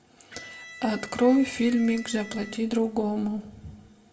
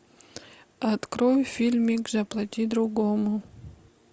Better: second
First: background sound (Electric guitar); 18 dB below the speech // room echo; dies away in 0.6 s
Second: none

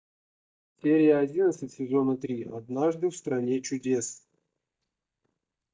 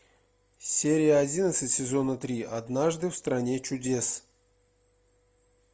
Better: second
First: noise reduction (neural mask model DeepFilterNet 3)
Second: none

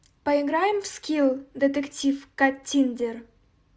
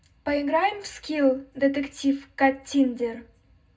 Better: first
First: none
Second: room echo; dies away in 0.3 s

